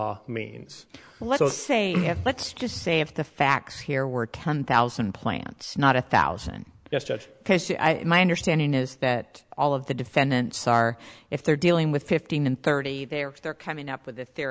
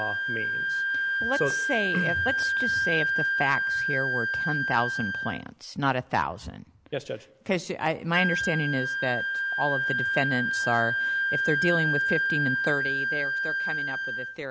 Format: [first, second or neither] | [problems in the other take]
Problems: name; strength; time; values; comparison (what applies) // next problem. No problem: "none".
first | background sound (Wind instrument, woodwind instrument); 2 dB above the speech